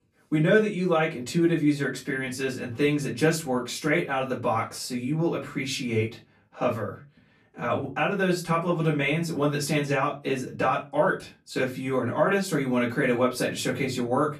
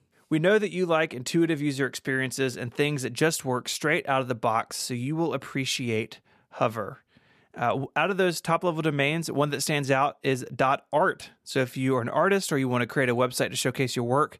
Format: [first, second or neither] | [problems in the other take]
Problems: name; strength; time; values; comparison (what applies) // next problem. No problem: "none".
second | off-mic speech; far // room echo; very slight; dies away in 0.2 s